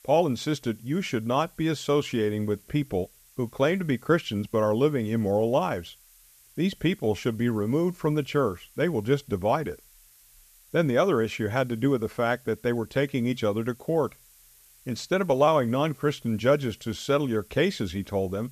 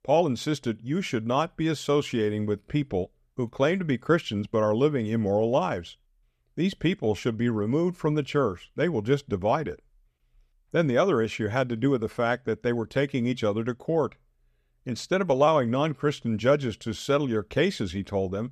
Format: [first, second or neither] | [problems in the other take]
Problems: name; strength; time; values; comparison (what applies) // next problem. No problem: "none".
second | hiss; faint; throughout; 25 dB below the speech